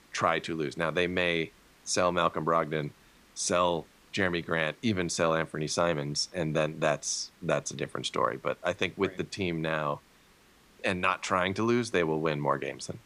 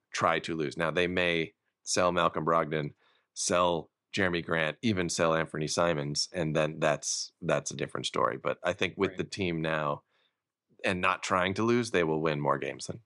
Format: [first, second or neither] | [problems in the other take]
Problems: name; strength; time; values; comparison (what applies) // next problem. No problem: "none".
second | hiss; faint; throughout; 30 dB below the speech